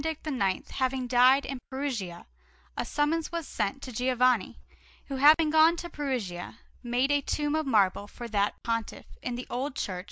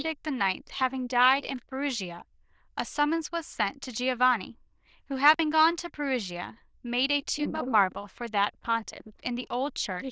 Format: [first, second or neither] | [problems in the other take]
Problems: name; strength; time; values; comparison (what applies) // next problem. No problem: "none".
first | noise reduction (neural diffusion model UNIVERSE++)